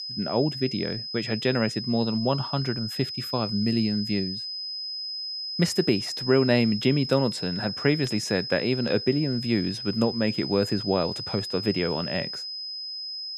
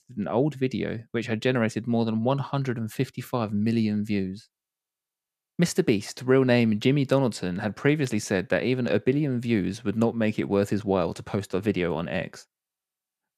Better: second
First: high-pitched whine; loud; throughout; 5 kHz, 5 dB below the speech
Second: none

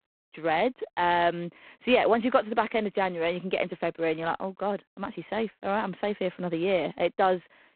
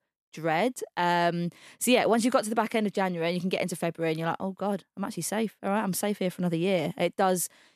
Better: second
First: phone-call audio; poor line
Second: none

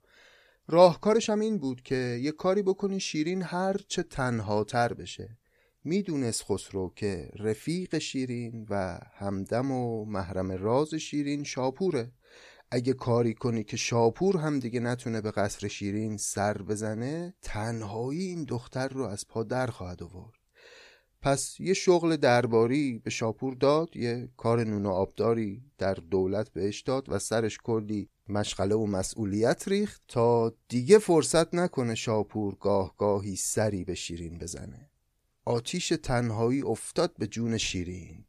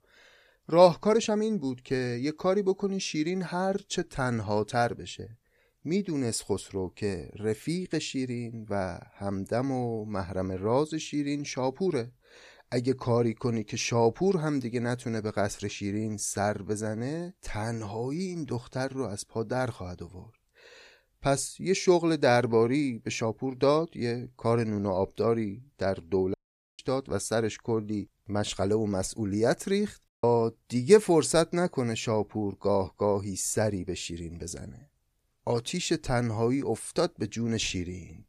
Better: first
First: none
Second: audio cutting out; at 26 s and at 30 s

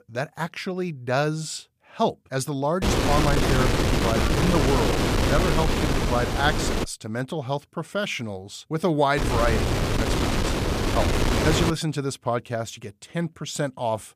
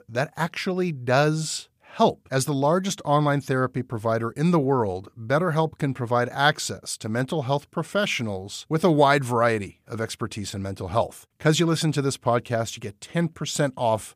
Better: second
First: wind noise on the microphone; heavy; from 3 to 7 s and from 9 to 12 s; 1 dB above the speech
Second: none

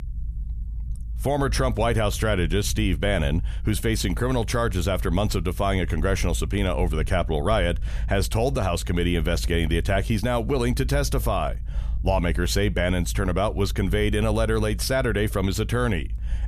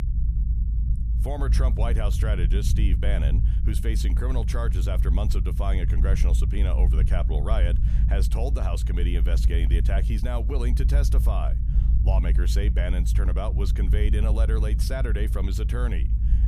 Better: first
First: low rumble; faint; throughout; 25 dB below the speech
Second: low rumble; loud; throughout; 7 dB below the speech

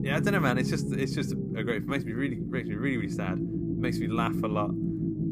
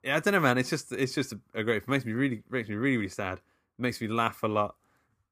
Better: second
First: low rumble; loud; throughout; 5 dB below the speech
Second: none

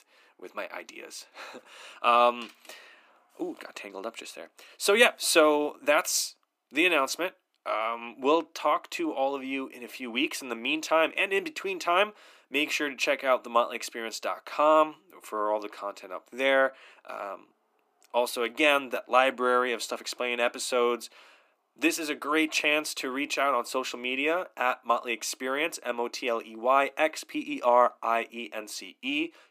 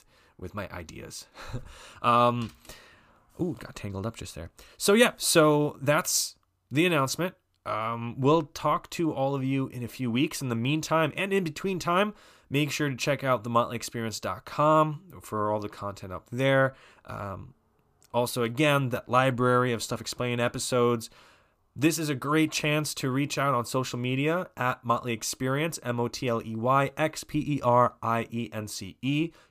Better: second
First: thin; somewhat; fading below 300 Hz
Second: none

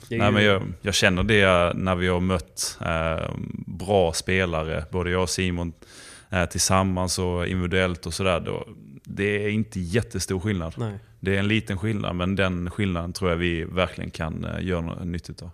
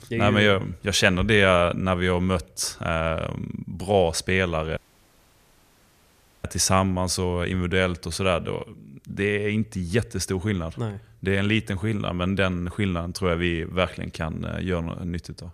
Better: first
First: none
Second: audio cutting out; at 5 s for 1.5 s

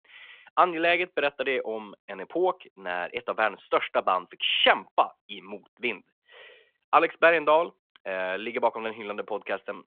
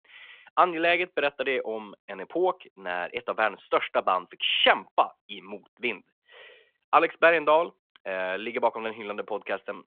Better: neither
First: phone-call audio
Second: phone-call audio

